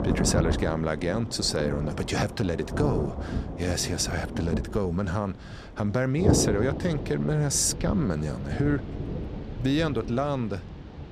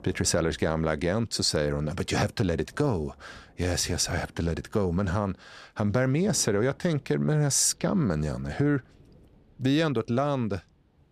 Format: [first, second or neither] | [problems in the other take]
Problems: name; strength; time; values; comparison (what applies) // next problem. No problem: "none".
second | rain or running water; loud; throughout; 5 dB below the speech; faint in the second